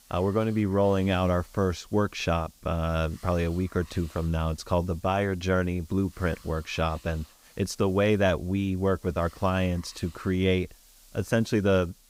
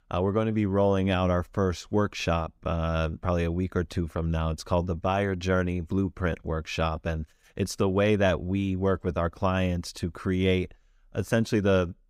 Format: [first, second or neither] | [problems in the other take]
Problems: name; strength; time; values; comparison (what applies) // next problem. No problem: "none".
second | hiss; faint; throughout; 25 dB below the speech